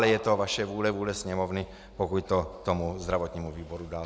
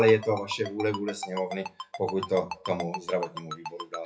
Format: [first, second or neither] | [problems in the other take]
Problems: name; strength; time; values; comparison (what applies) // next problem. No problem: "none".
first | noise reduction (classical method WPE with log-MMSE)